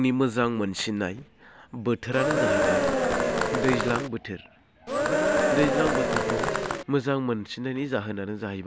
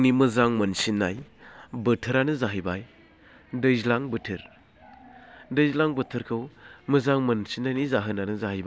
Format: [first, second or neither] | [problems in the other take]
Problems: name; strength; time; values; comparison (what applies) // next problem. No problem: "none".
second | background sound (Cheering); 4 dB above the speech